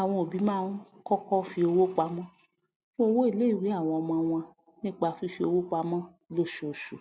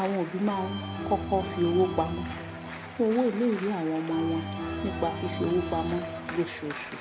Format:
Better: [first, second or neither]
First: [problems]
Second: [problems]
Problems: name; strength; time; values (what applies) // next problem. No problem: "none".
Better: first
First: none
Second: background sound (Organ); 6 dB below the speech